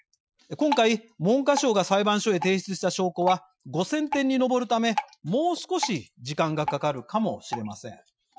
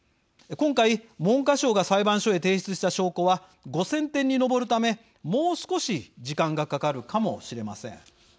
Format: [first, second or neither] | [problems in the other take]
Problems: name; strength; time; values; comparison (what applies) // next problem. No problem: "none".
second | noise reduction (classical method Wiener filter)